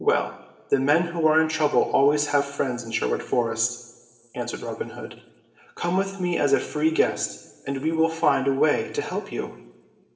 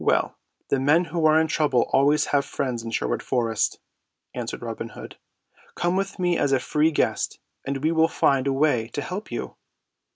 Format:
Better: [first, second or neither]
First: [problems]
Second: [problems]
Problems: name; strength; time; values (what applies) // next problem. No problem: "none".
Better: second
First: room echo; dies away in 1.4 s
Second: none